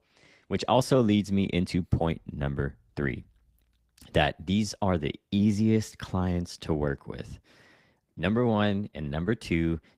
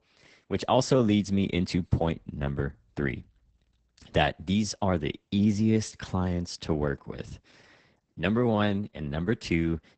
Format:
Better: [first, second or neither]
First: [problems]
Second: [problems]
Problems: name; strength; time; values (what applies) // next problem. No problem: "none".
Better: first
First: garbled, watery; slightly; nothing above 15.5 kHz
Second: garbled, watery; badly; nothing above 8 kHz